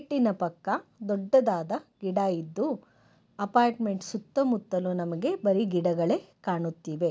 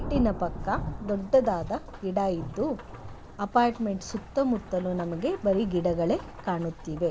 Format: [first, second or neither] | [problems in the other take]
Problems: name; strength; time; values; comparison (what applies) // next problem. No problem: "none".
first | background sound (Rain / Thunderstorm); 10 dB below the speech